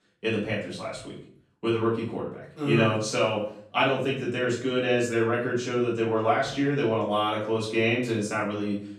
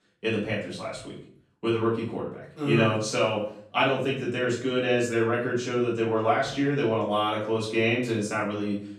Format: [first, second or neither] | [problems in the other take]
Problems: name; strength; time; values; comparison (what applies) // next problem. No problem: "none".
neither | off-mic speech; far; the same in both // room echo; noticeable; dies away in 0.5 s; the same in both